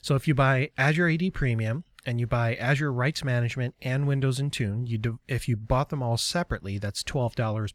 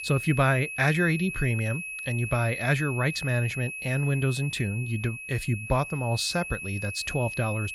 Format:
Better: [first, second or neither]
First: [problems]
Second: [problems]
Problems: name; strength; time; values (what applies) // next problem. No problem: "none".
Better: first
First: none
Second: high-pitched whine; loud; throughout; 2.5 kHz, 7 dB below the speech